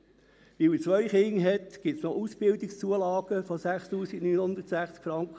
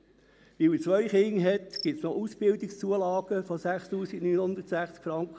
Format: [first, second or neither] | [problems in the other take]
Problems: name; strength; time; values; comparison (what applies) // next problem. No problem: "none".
first | background sound (Cricket); 19 dB below the speech